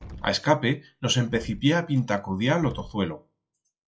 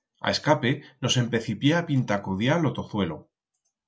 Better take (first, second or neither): second